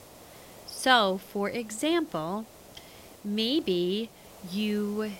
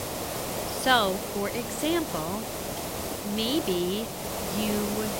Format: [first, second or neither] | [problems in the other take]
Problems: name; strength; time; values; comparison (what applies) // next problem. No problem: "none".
first | hiss; loud; throughout; 4 dB below the speech; faint in the first